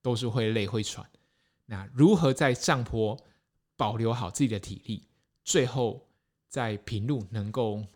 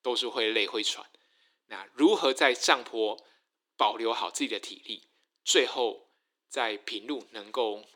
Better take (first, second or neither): first